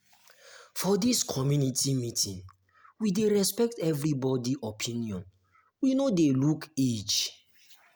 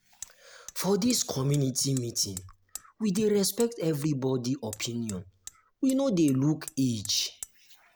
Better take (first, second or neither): first